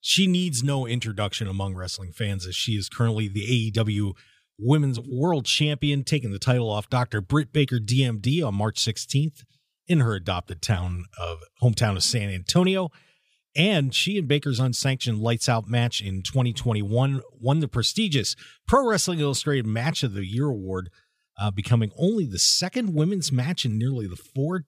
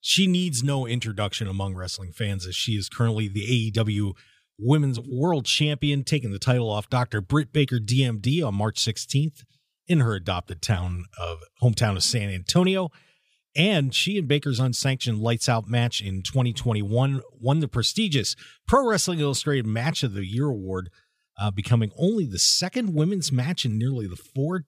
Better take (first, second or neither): neither